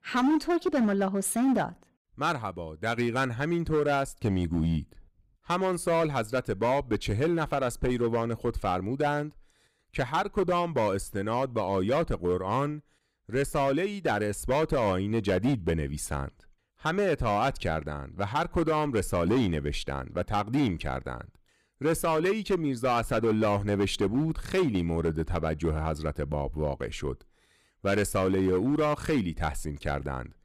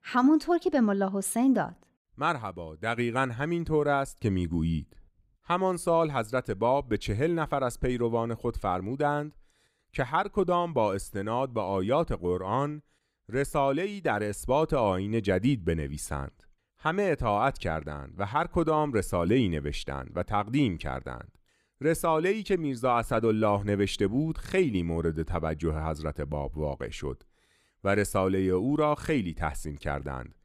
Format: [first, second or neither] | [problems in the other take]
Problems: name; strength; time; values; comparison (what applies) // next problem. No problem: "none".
second | distortion; slight; 8% of the sound clipped